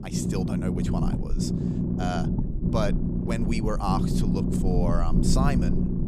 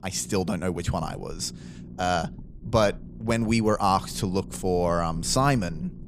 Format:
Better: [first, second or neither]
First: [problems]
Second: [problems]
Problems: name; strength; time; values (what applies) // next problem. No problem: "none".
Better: second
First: low rumble; loud; throughout; 2 dB below the speech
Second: low rumble; faint; throughout; 25 dB below the speech